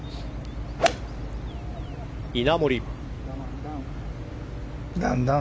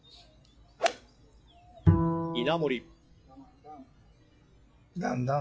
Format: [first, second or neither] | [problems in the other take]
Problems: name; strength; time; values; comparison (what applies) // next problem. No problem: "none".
first | noise reduction (classical method log-MMSE)